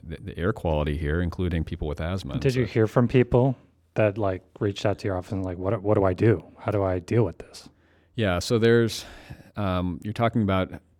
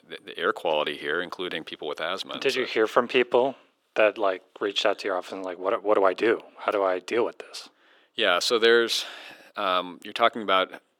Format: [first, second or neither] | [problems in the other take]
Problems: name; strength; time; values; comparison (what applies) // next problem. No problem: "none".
first | thin; very; fading below 400 Hz